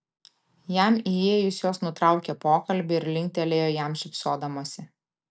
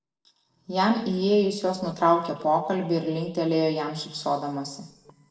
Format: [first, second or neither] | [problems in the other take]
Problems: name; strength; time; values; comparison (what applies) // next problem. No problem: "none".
first | noise reduction (neural separator model SepFormer DNS4)